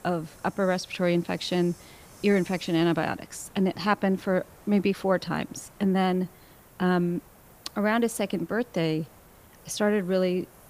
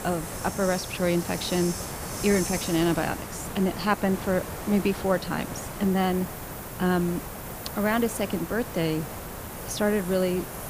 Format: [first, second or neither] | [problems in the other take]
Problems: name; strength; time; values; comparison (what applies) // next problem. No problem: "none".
first | hiss; loud; throughout; 8 dB below the speech; faint in the first